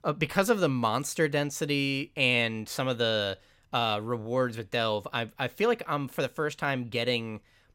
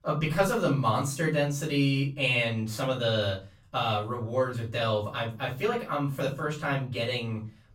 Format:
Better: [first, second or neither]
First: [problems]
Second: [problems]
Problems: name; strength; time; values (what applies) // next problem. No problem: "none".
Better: first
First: none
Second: off-mic speech; far // room echo; slight; dies away in 0.3 s